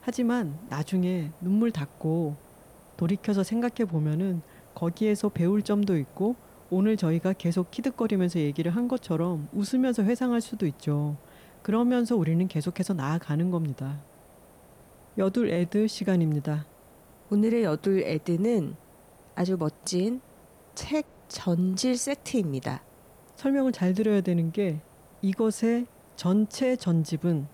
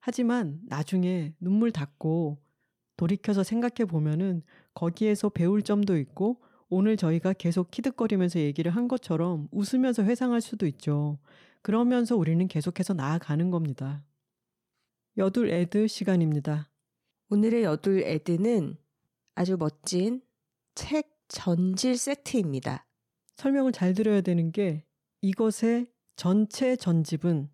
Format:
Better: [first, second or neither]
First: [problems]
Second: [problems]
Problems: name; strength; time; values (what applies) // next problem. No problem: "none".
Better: second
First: hiss; faint; throughout; 25 dB below the speech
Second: none